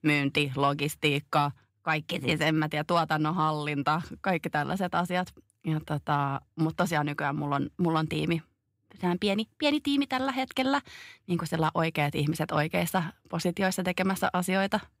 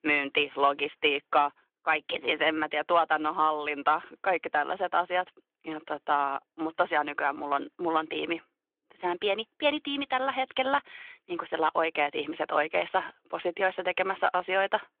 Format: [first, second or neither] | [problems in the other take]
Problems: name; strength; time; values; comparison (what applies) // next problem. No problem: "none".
first | phone-call audio; nothing above 3.5 kHz